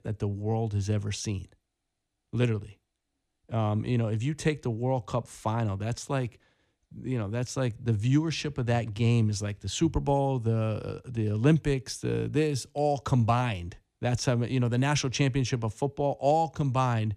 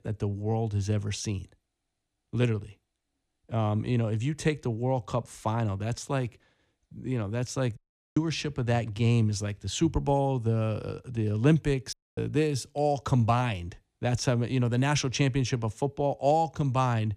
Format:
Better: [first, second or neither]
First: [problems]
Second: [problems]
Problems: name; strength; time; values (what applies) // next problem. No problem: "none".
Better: first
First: none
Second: audio cutting out; at 8 s and at 12 s